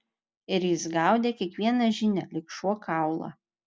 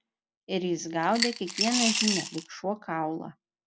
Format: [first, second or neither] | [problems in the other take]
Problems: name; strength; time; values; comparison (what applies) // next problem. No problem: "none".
first | background sound (Coin (dropping) / Glass); as loud as the speech